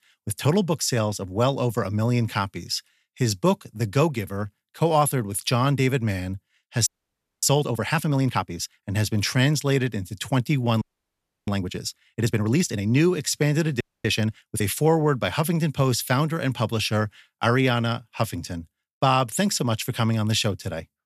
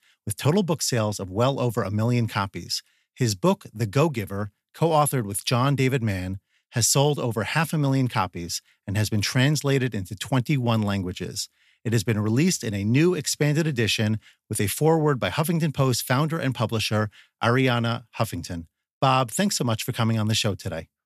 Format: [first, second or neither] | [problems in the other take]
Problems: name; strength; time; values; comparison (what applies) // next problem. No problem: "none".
second | audio freezing; at 7 s for 0.5 s, at 11 s for 0.5 s and at 14 s